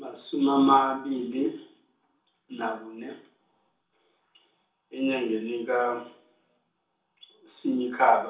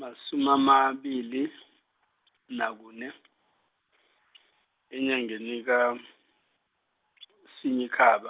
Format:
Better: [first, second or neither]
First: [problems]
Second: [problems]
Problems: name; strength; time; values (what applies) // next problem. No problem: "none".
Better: second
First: room echo; dies away in 0.7 s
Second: none